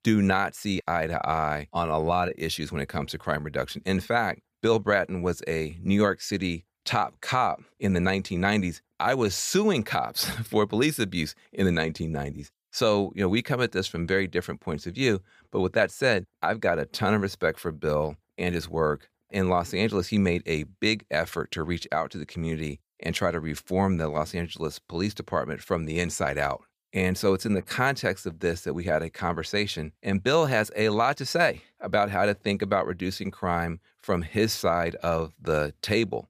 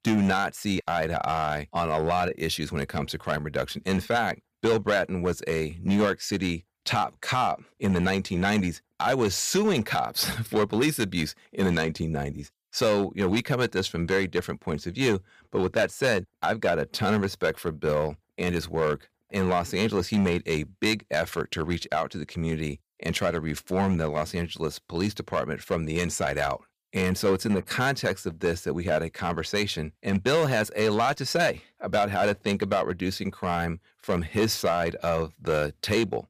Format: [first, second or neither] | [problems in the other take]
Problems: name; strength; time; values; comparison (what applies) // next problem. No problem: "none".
first | distortion; slight; 4% of the sound clipped